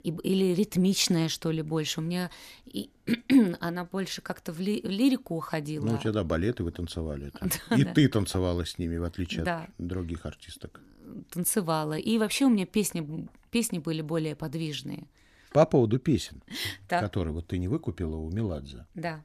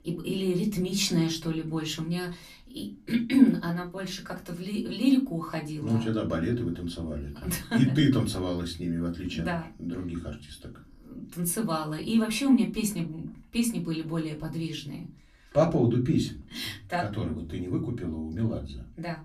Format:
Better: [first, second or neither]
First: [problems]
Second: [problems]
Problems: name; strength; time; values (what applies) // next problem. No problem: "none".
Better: first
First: none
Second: off-mic speech; far // room echo; very slight; dies away in 0.3 s